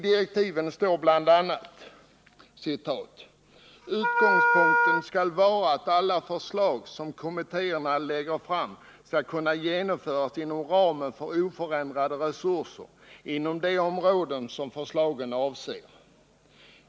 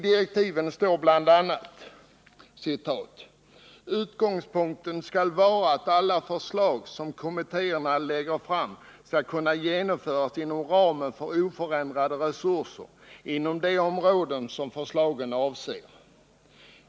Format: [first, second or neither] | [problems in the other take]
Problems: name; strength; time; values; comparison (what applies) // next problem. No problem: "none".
second | background sound (Wind instrument, woodwind instrument); 2 dB above the speech